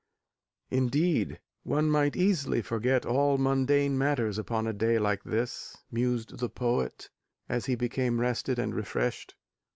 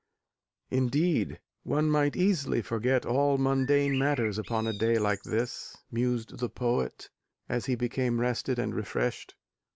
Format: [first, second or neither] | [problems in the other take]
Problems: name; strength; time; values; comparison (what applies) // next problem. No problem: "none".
first | background sound (Bird); 15 dB below the speech